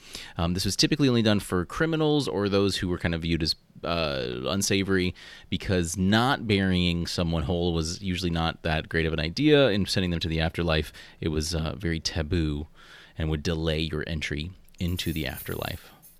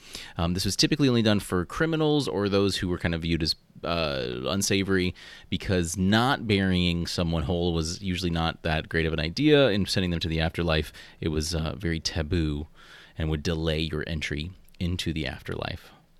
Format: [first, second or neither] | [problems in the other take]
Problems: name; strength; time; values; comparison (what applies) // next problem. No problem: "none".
second | jangling keys; faint; from 15 s on; peak 15 dB below the speech